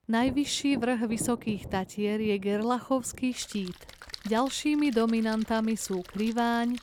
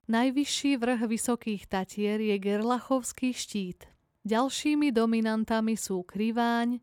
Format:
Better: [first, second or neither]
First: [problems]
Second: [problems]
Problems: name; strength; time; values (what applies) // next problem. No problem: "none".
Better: second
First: rain or running water; noticeable; throughout; 15 dB below the speech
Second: none